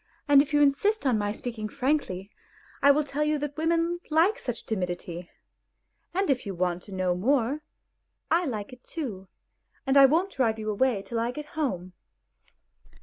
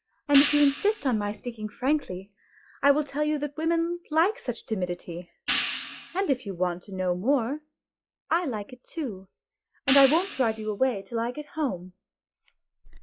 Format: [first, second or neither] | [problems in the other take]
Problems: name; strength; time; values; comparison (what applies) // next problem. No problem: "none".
first | noise reduction (classical method log-MMSE)